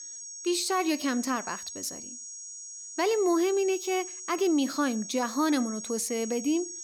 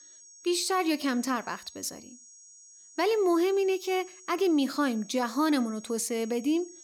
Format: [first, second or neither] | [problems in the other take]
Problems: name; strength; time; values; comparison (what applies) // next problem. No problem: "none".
second | high-pitched whine; loud; throughout; 6.5 kHz, 10 dB below the speech; faint in the second